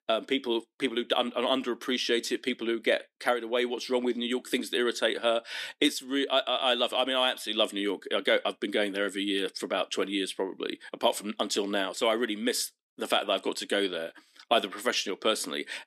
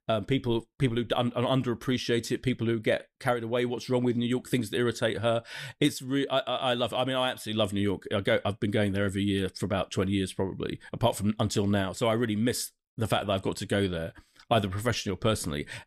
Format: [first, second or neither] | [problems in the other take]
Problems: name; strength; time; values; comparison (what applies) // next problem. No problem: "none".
second | thin; very slightly; fading below 250 Hz